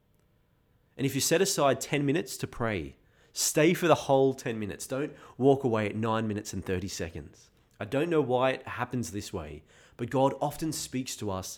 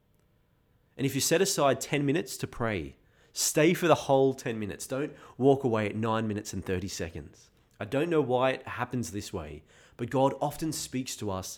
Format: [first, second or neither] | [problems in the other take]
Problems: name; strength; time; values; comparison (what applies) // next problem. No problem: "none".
neither | none